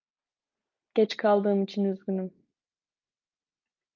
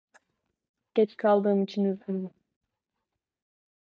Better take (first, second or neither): first